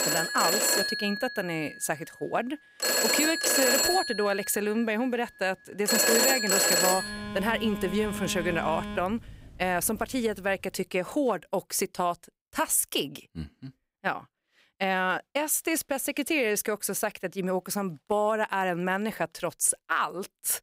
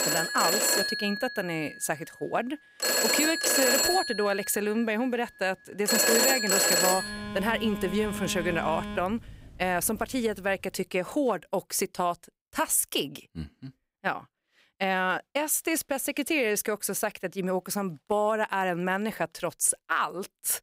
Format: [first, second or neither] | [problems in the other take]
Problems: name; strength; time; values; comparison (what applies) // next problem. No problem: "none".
neither | alarms or sirens; very loud; until 11 s; 3 dB above the speech; the same in both